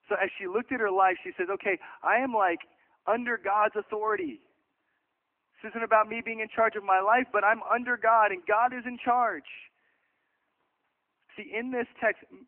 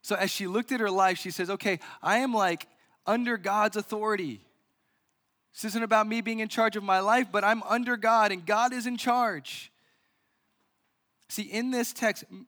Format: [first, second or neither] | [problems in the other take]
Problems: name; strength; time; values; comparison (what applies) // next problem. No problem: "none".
second | phone-call audio; nothing above 2.5 kHz